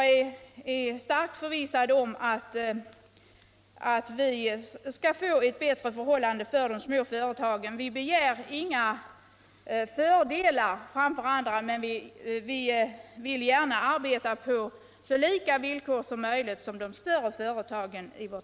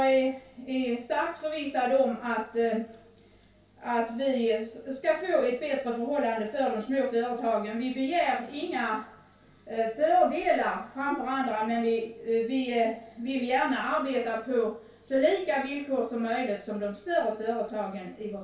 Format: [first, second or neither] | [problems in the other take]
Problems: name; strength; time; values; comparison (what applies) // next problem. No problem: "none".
first | room echo; dies away in 0.2 s